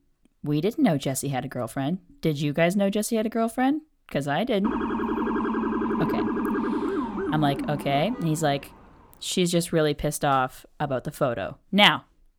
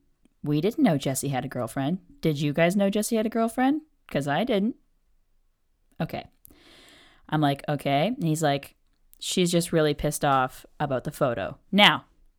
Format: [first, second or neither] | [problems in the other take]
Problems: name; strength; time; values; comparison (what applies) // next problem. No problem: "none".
second | siren; noticeable; from 4.5 to 8.5 s; peak 1 dB below the speech